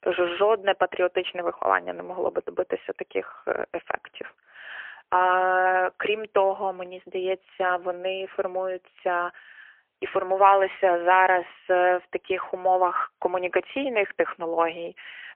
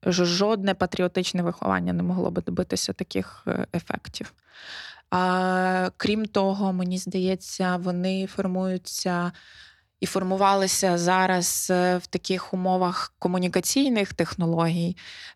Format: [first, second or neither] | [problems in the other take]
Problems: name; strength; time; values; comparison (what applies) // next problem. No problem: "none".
second | phone-call audio; poor line; nothing above 3 kHz